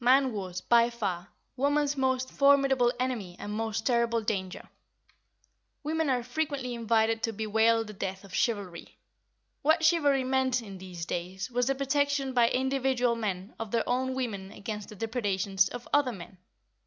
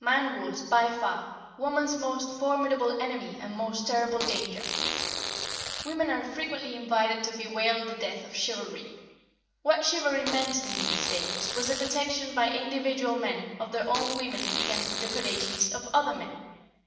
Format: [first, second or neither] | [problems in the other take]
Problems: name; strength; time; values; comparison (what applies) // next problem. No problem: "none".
first | background sound (Fart); 4 dB below the speech // room echo; dies away in 1.1 s